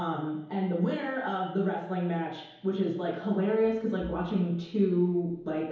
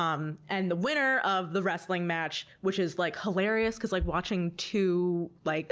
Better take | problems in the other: second | room echo; dies away in 2.2 s

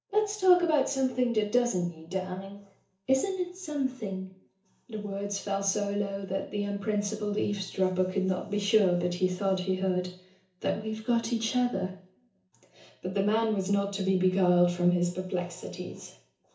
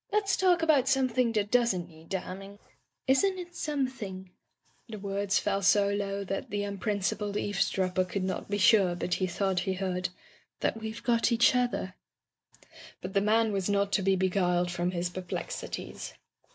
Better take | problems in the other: second | room echo; dies away in 0.7 s

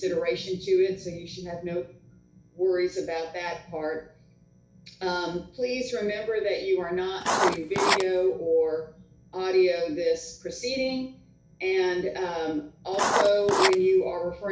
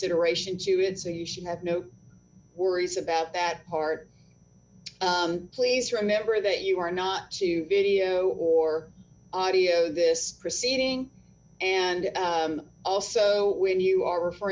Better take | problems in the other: second | background sound (Writing); 1 dB above the speech // room echo; dies away in 0.5 s

